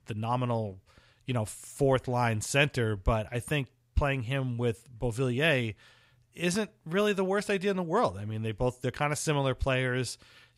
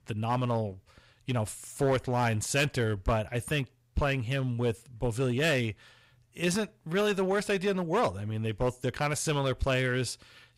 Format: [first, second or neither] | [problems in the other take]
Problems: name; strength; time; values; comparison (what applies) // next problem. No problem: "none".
first | distortion; slight; 6% of the sound clipped